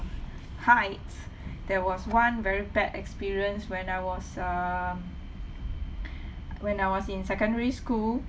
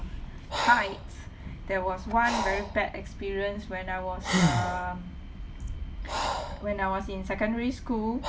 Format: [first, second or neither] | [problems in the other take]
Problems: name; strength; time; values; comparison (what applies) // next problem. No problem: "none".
first | background sound (Breathing); 4 dB below the speech